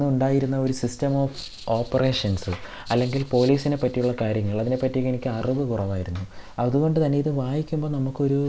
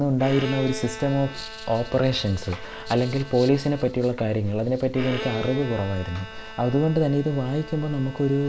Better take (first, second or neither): first